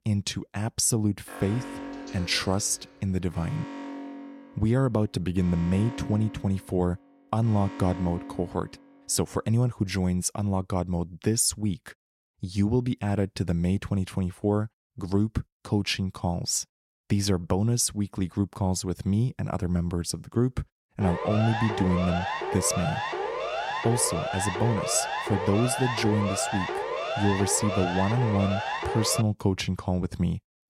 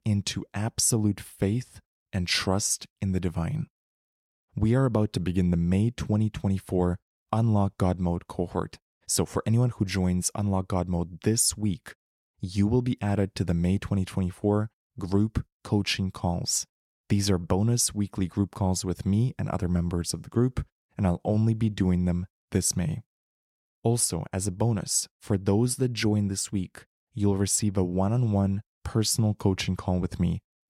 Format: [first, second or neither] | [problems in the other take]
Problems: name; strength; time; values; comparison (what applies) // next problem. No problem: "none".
second | alarm; faint; from 1.5 to 9 s; peak 10 dB below the speech // siren; noticeable; from 21 to 29 s; peak 2 dB below the speech